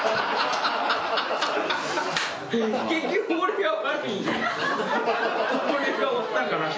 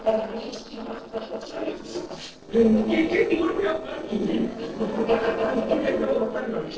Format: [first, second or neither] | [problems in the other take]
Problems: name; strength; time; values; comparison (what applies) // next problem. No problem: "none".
first | noise reduction (neural separator model SepFormer DNS4)